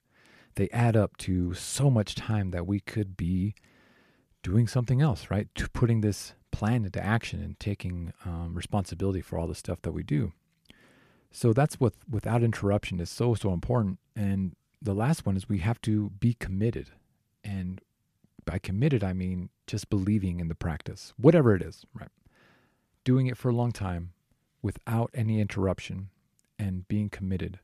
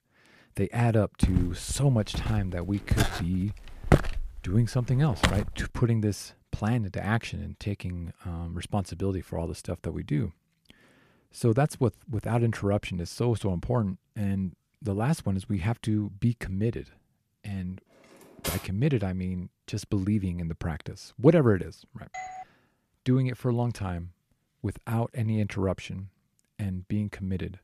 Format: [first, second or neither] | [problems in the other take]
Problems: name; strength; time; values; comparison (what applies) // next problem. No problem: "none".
first | footsteps; loud; from 1 to 5.5 s; peak 4 dB above the speech // clattering dishes; noticeable; at 18 s; peak 6 dB below the speech // doorbell; faint; at 22 s; peak 10 dB below the speech